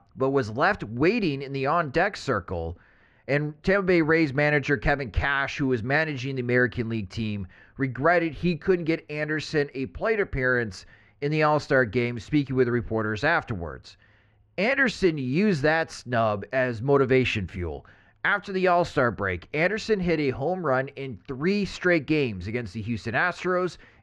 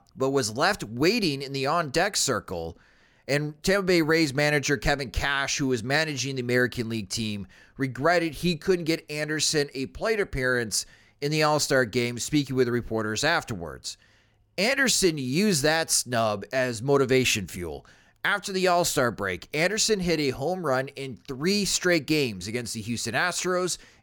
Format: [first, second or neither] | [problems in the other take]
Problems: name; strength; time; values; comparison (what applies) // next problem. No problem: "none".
second | muffled; very; fading above 2 kHz